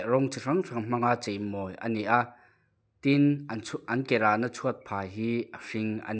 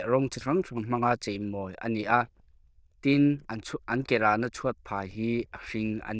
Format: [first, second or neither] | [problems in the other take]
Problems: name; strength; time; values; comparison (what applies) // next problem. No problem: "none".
first | noise reduction (neural diffusion model UNIVERSE++)